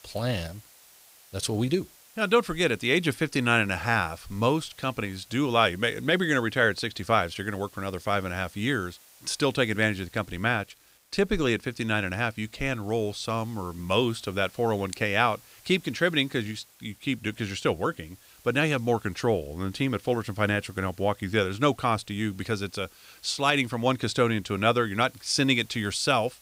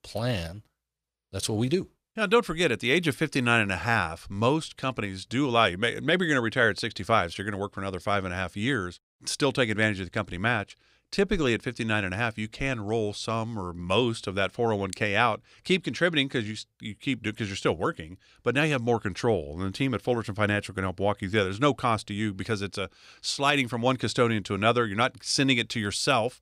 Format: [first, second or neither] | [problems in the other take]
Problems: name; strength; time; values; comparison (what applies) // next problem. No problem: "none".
second | hiss; faint; throughout; 25 dB below the speech